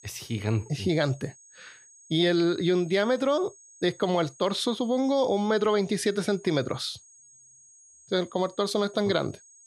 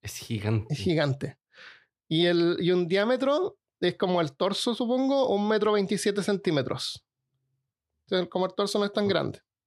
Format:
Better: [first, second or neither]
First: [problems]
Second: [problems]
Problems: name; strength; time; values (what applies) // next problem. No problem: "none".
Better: second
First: high-pitched whine; faint; throughout; 6.5 kHz, 25 dB below the speech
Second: none